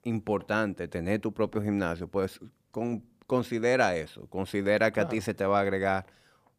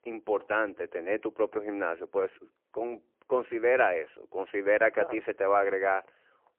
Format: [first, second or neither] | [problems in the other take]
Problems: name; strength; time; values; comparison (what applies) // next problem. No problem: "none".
first | phone-call audio; poor line